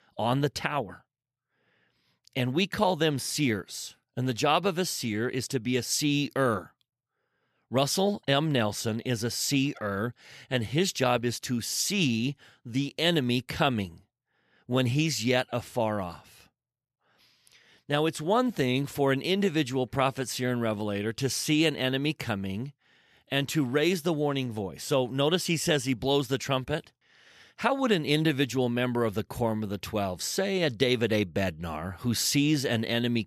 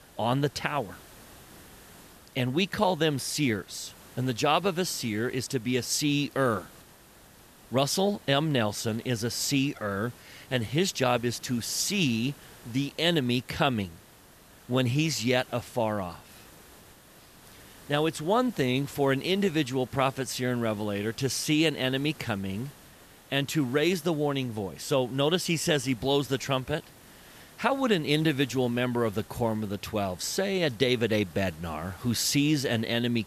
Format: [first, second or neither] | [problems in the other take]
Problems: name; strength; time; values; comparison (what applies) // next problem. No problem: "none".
first | hiss; faint; throughout; 25 dB below the speech